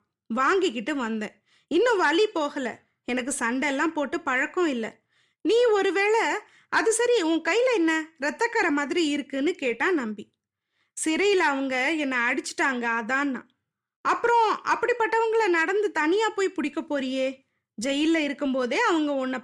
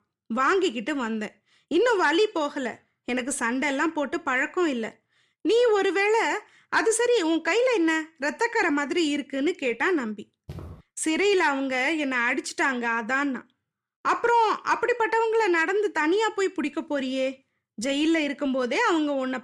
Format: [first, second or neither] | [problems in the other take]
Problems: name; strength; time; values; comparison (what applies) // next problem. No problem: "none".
first | footsteps; faint; at 10 s; peak 15 dB below the speech